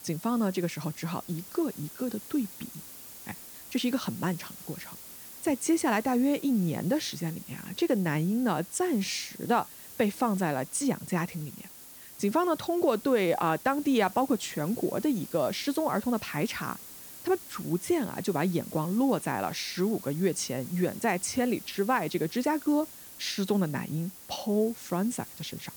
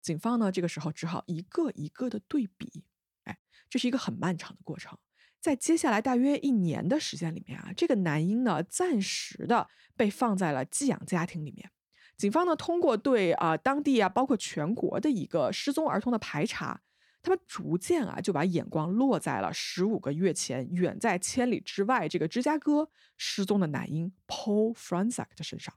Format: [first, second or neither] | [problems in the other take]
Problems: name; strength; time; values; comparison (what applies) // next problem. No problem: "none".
second | hiss; noticeable; throughout; 15 dB below the speech